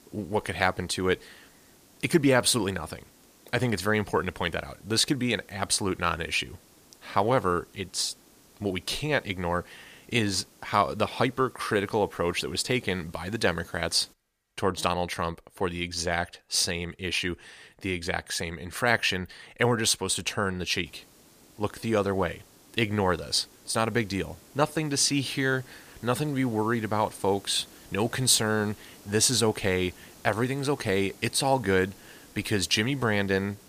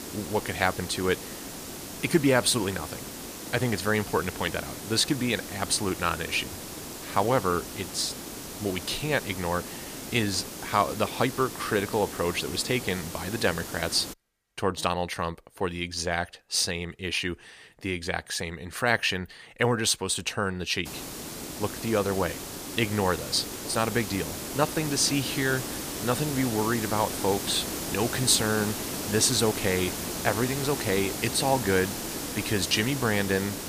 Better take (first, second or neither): first